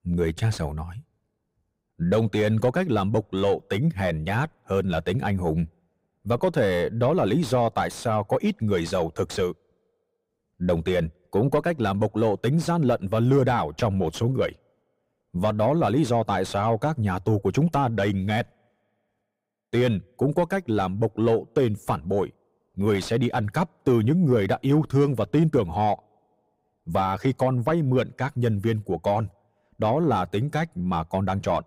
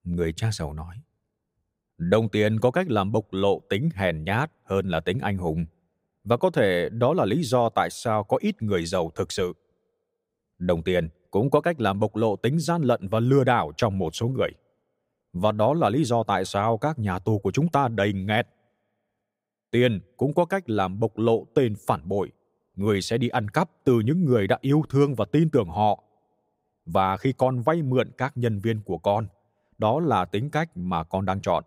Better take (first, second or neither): second